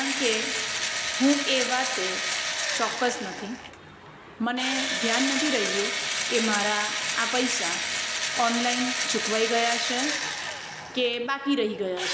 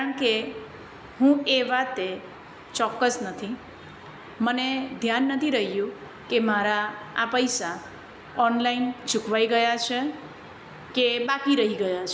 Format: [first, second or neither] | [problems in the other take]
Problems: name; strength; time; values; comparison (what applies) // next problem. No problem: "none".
second | background sound (Engine / Drill); 1 dB below the speech